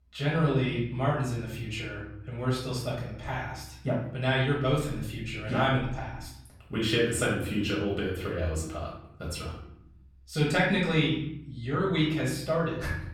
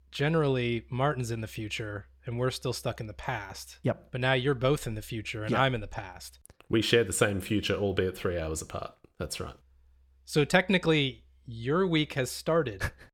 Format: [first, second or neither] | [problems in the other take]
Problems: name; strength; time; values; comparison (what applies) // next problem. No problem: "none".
second | off-mic speech; far // room echo; noticeable; dies away in 0.7 s